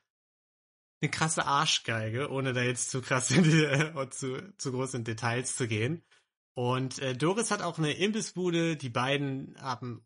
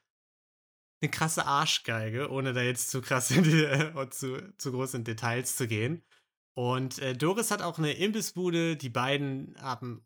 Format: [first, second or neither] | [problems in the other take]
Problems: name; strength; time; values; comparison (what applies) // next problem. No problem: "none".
second | garbled, watery; slightly; nothing above 10.5 kHz